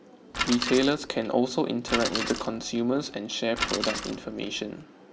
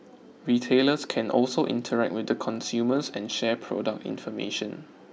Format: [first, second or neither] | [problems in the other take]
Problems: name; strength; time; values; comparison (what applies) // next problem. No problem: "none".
second | background sound (Bicycle); 6 dB below the speech